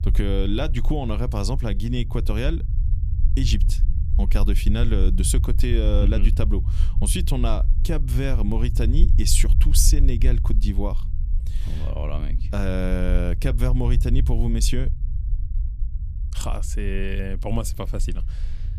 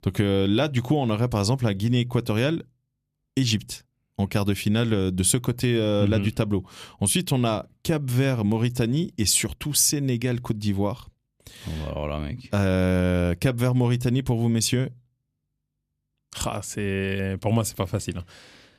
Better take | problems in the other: second | low rumble; noticeable; throughout; 15 dB below the speech

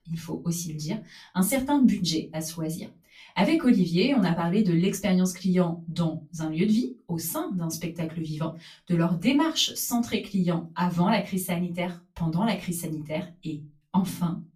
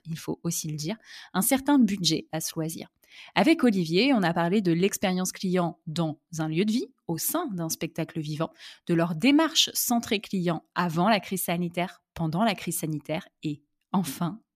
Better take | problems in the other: second | off-mic speech; far // room echo; very slight; dies away in 0.2 s

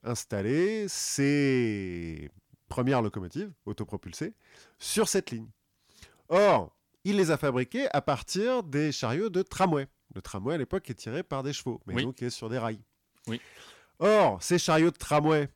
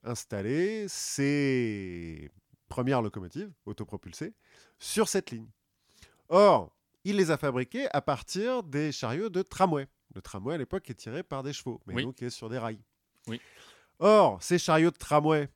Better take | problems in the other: second | distortion; slight; 10 dB below the speech

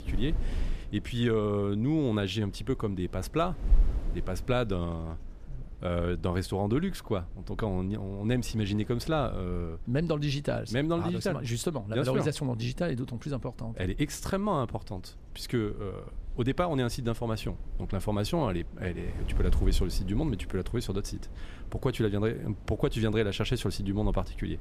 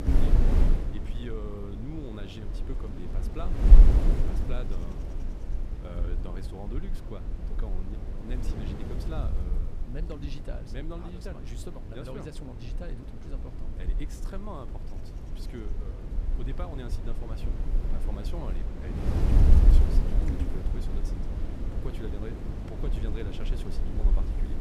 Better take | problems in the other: first | wind noise on the microphone; heavy; 2 dB above the speech; occasional gusts in the first

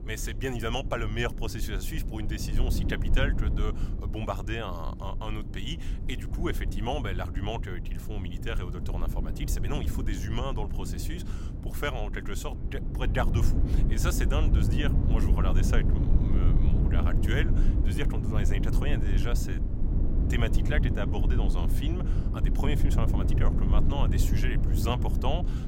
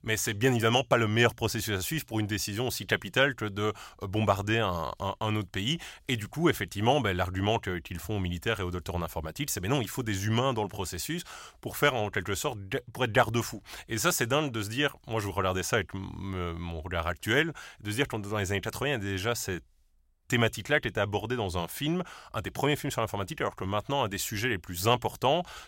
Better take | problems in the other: second | low rumble; loud; throughout; 6 dB below the speech

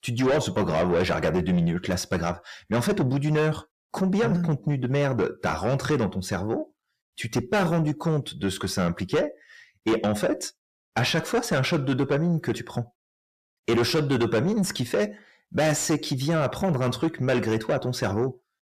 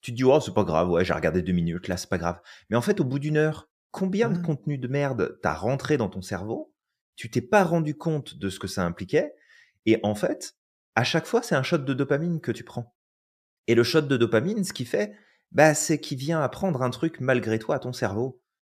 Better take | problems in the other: second | distortion; heavy; 6 dB below the speech

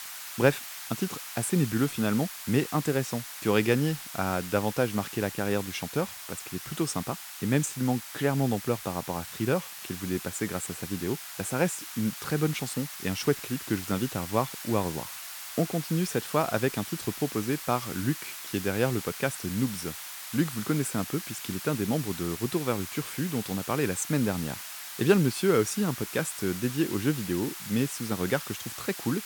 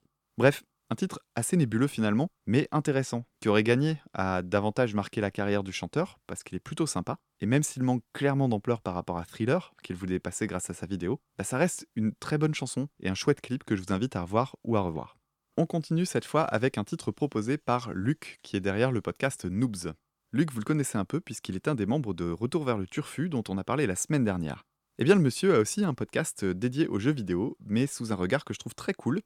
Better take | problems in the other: second | hiss; loud; throughout; 8 dB below the speech

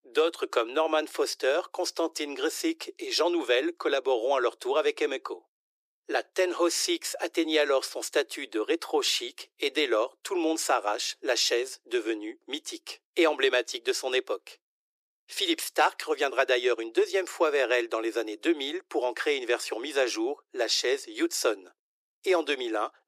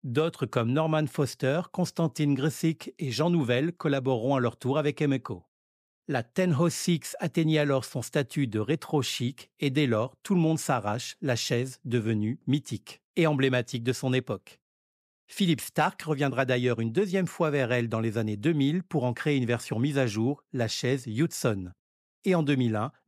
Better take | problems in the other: second | thin; very; fading below 350 Hz

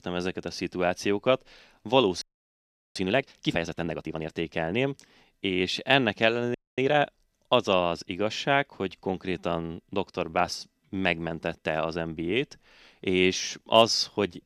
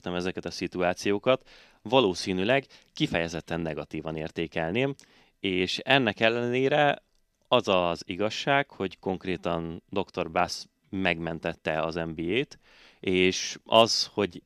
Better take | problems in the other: second | audio freezing; at 2 s for 0.5 s and at 6.5 s

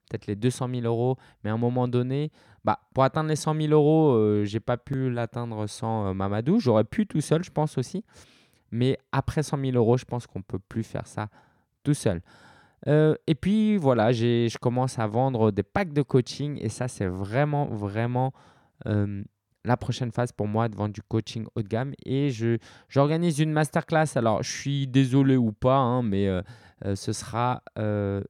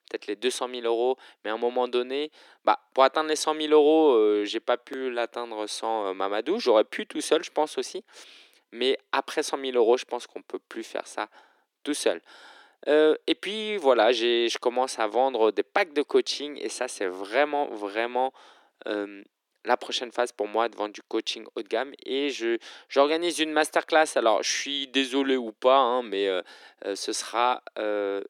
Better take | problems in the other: first | thin; very; fading below 300 Hz

